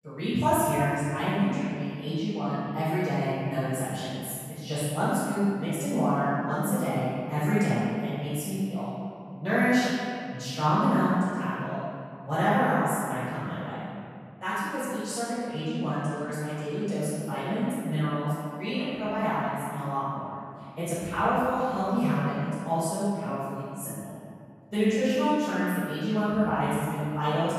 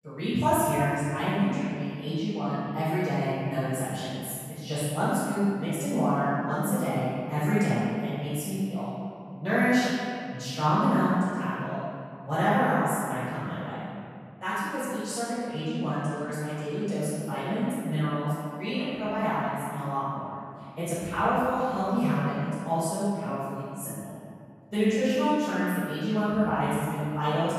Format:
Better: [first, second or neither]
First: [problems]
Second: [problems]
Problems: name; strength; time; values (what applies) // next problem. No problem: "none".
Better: neither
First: room echo; strong; dies away in 2.4 s // off-mic speech; far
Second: room echo; strong; dies away in 2.4 s // off-mic speech; far